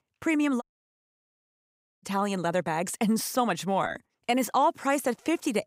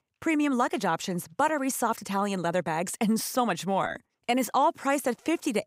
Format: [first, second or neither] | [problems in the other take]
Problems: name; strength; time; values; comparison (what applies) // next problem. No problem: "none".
second | audio cutting out; at 0.5 s for 1.5 s